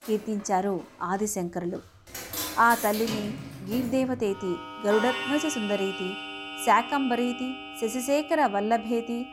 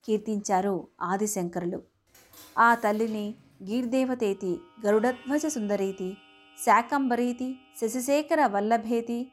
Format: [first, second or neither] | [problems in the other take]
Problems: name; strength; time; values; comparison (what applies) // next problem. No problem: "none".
second | household noises; loud; throughout; 8 dB below the speech; faint in the second